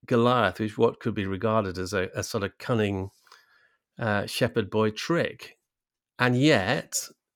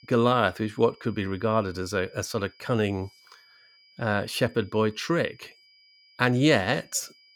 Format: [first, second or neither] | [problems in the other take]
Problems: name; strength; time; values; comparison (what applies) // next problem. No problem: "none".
first | high-pitched whine; faint; throughout; 5 kHz, 30 dB below the speech